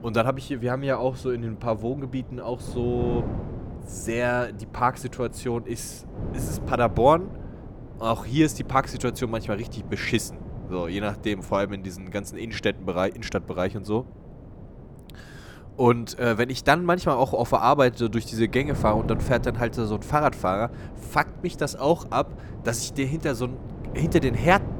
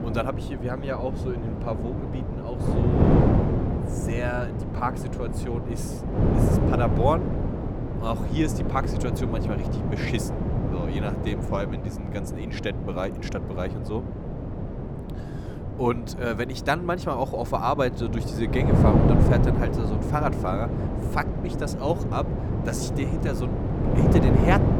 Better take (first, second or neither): first